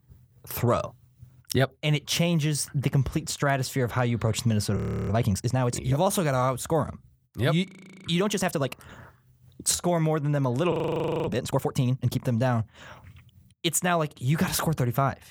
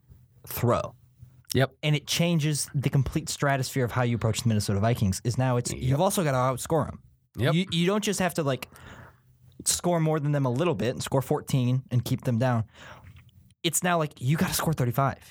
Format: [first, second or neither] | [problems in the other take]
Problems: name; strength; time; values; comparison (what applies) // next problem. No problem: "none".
second | audio freezing; at 5 s, at 7.5 s and at 11 s for 0.5 s